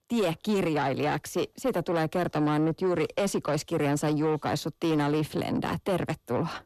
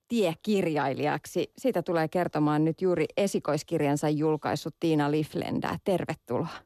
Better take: second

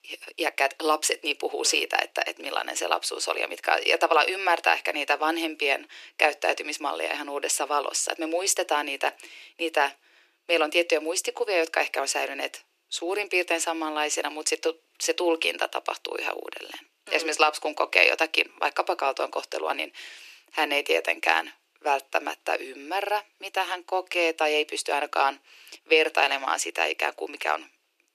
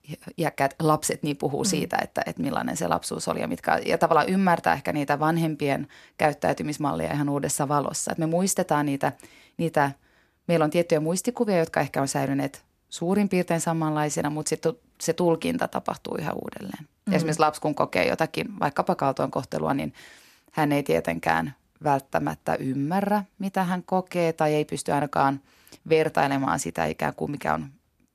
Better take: second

